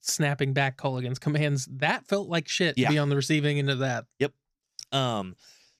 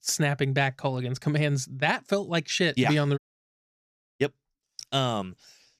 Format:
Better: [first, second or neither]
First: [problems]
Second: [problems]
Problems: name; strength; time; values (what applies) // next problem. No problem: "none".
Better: first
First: none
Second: audio cutting out; at 3 s for 1 s